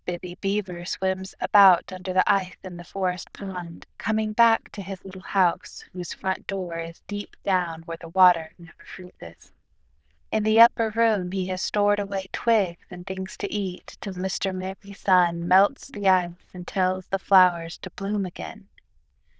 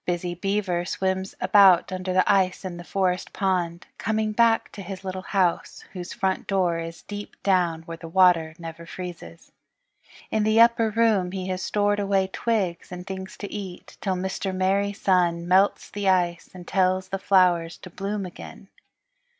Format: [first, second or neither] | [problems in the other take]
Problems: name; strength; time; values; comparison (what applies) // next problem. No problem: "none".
second | noise reduction (neural diffusion model UNIVERSE++)